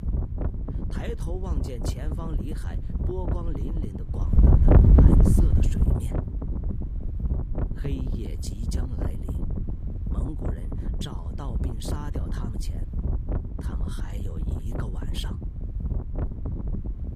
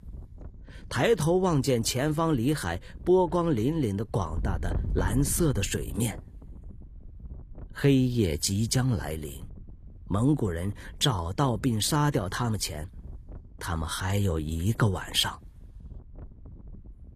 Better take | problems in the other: second | wind noise on the microphone; heavy; 5 dB above the speech; occasional gusts in the second

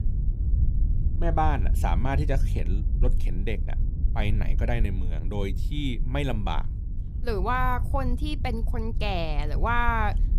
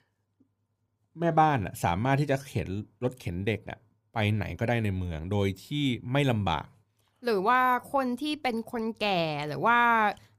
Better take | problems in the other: second | low rumble; noticeable; throughout; 15 dB below the speech

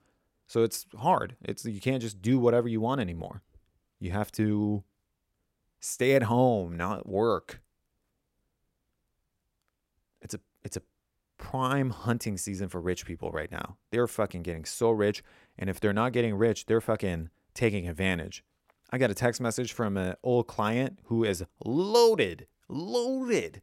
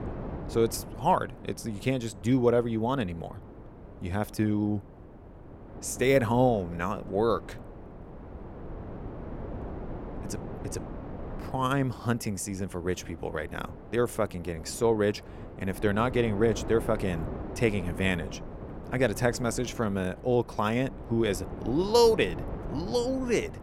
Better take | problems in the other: first | wind noise on the microphone; occasional gusts; 15 dB below the speech

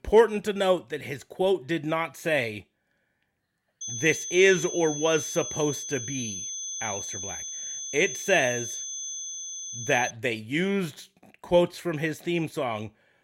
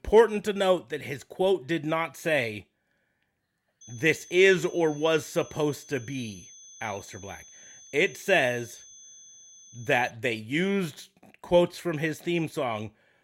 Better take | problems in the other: second | high-pitched whine; loud; from 4 to 10 s; 6 kHz, 6 dB below the speech; faint in the second

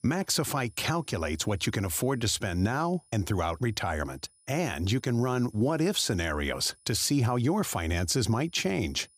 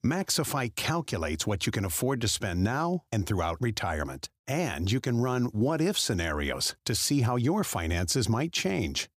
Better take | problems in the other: second | high-pitched whine; faint; throughout; 9.5 kHz, 30 dB below the speech

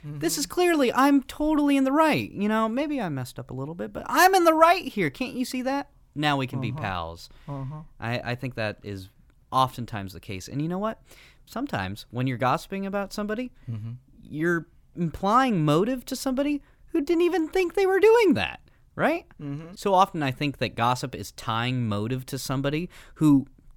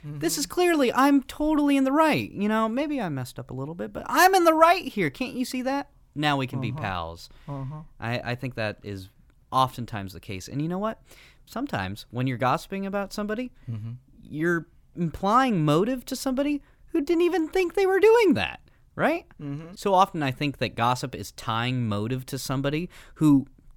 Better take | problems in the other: neither | none

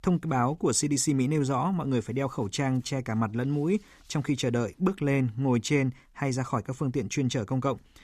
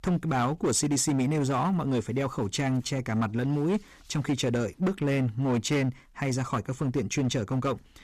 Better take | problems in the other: first | distortion; slight; 11% of the sound clipped

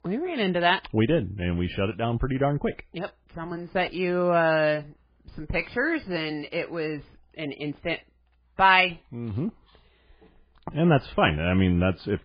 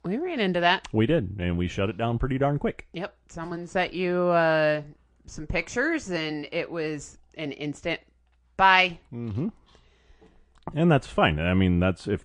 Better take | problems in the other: second | garbled, watery; badly; nothing above 5 kHz; slightly in the second

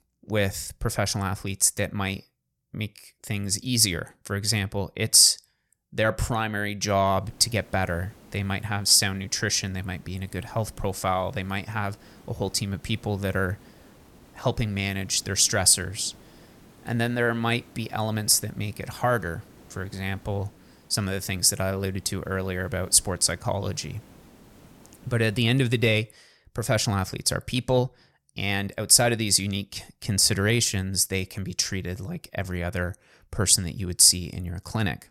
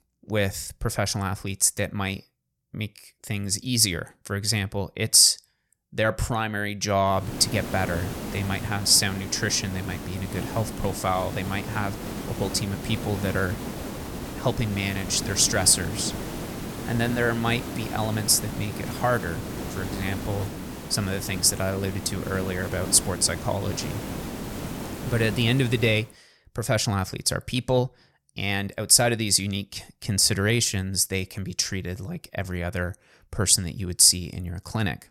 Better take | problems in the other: first | hiss; loud; from 7 to 26 s; 10 dB below the speech; faint in the first

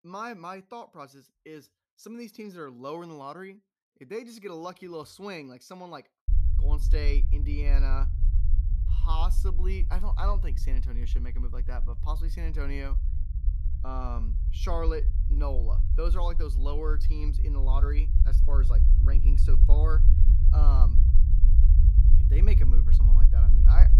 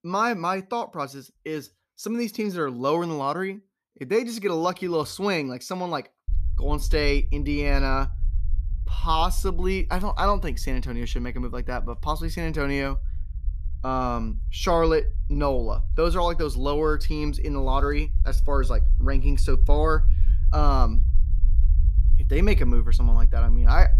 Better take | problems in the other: second | low rumble; loud; from 6.5 s on; 7 dB below the speech; faint in the second

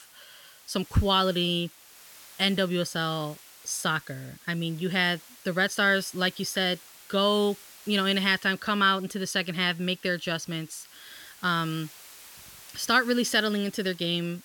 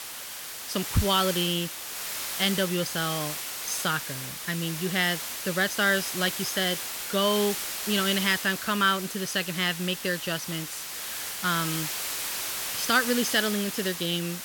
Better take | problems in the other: first | hiss; loud; throughout; 4 dB below the speech; faint in the first

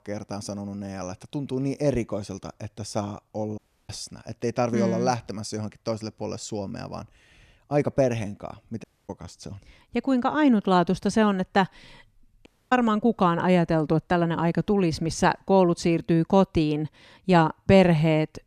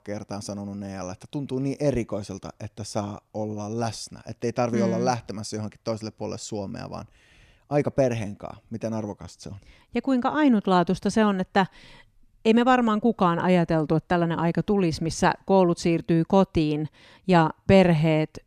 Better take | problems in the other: second | audio cutting out; at 3.5 s, at 9 s and at 12 s

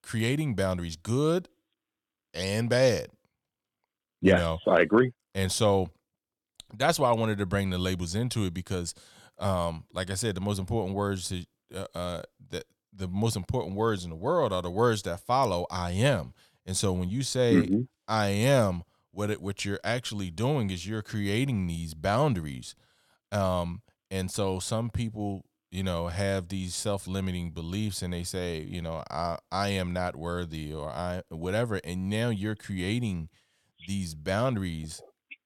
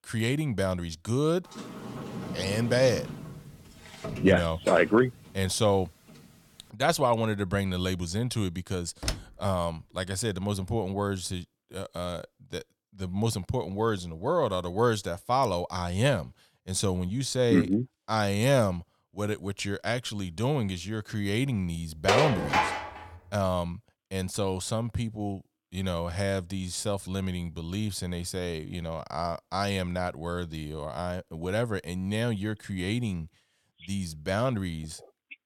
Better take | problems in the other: first | door banging; noticeable; from 1.5 to 6.5 s and at 9 s; peak 5 dB below the speech // clattering dishes; loud; at 22 s; peak 4 dB above the speech

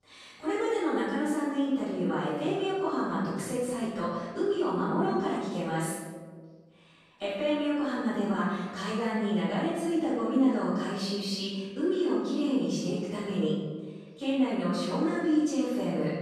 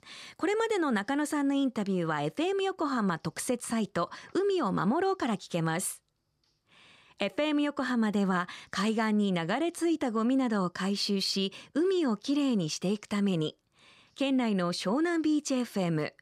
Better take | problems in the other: second | off-mic speech; far // room echo; strong; dies away in 1.3 s

